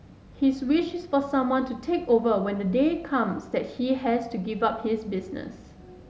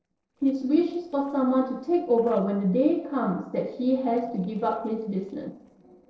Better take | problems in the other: first | noise reduction (neural separator model SepFormer DNS4)

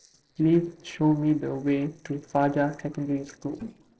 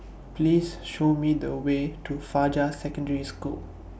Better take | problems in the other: second | noise reduction (neural separator model SepFormer DNS4)

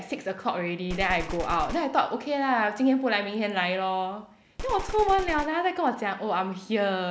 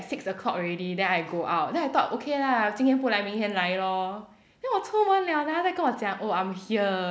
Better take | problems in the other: second | background sound (Gunshot, gunfire); 10 dB below the speech

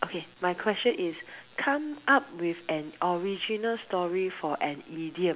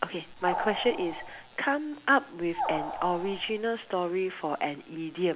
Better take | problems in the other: first | background sound (Animal); 6 dB below the speech

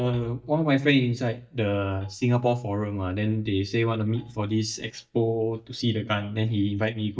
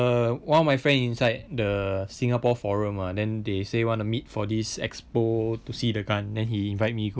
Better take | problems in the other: second | noise reduction (neural mask model DeepFilterNet 3)

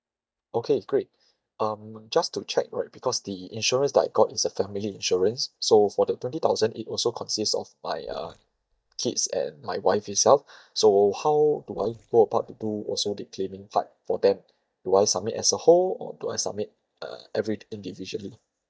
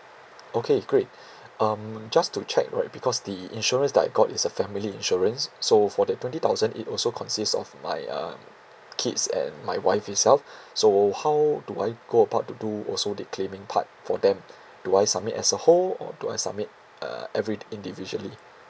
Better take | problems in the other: second | noise reduction (neural mask model DeepFilterNet 3)

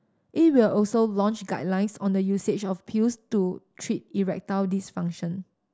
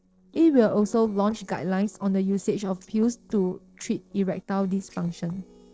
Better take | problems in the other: first | noise reduction (neural separator model SepFormer DNS4)

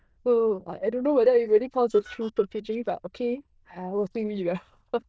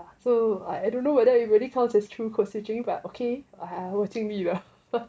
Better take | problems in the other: second | noise reduction (neural diffusion model UNIVERSE++)

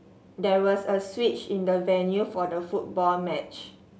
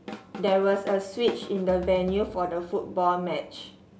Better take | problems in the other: first | background sound (Drum kit); 15 dB below the speech

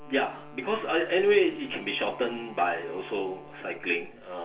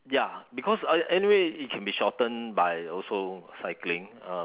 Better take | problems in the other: second | background sound (Wind instrument, woodwind instrument); 20 dB below the speech // room echo; dies away in 0.3 s

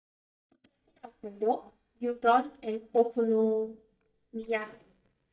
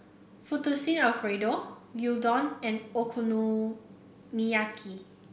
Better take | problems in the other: second | noise reduction (neural mask model DeepFilterNet 3)

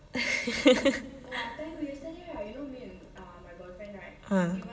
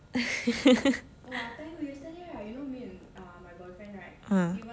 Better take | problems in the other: second | room echo; dies away in 0.8 s

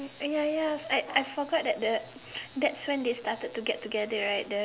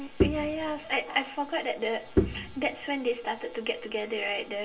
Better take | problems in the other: first | background sound (Bowed string instrument); 2 dB below the speech // room echo; dies away in 0.2 s

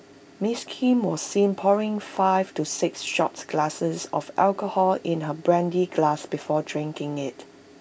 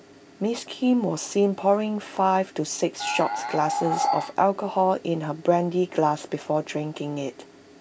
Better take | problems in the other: first | background sound (Animal); 3 dB below the speech

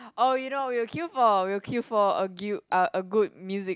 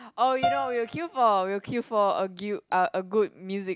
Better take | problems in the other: first | background sound (Piano); 9 dB below the speech

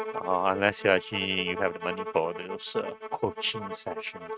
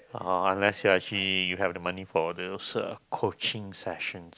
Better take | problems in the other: second | noise reduction (neural mask model RNNoise)

